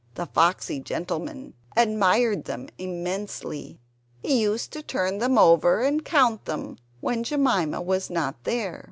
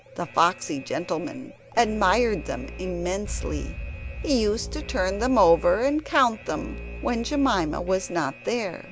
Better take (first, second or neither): first